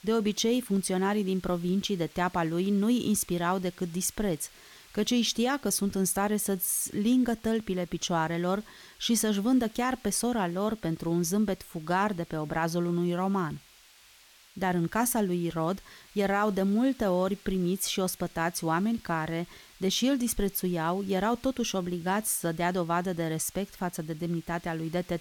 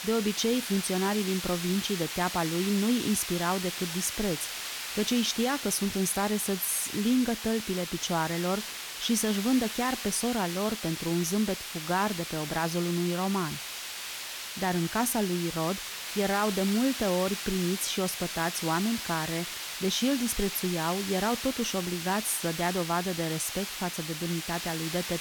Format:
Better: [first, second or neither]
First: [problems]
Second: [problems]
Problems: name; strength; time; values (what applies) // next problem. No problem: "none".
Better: first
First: hiss; faint; throughout; 25 dB below the speech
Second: hiss; loud; throughout; 5 dB below the speech